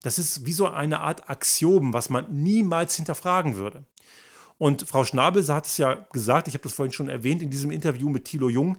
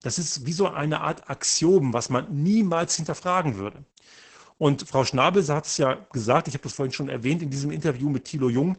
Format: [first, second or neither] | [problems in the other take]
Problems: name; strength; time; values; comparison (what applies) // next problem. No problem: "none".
first | garbled, watery; badly; nothing above 8 kHz; slightly in the first